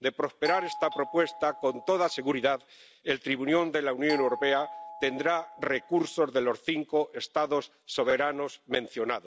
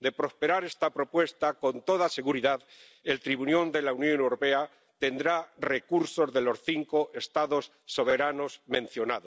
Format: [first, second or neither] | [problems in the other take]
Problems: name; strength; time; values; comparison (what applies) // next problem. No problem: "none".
second | background sound (Doorbell); 12 dB below the speech